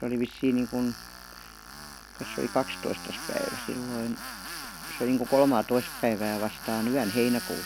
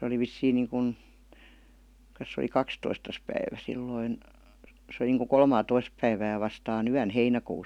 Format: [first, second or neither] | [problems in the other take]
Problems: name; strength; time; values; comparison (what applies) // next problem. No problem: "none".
second | background sound (Tools); 11 dB below the speech